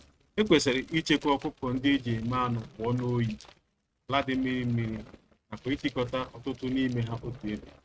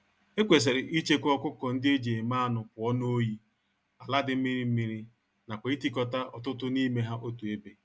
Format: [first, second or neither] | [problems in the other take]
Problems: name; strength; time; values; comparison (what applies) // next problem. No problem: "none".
second | noise reduction (neural mask model RNNoise)